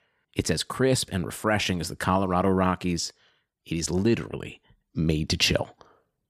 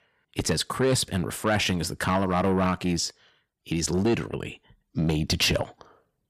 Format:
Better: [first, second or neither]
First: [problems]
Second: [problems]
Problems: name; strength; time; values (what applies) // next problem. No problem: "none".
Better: first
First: none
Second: distortion; slight; 10 dB below the speech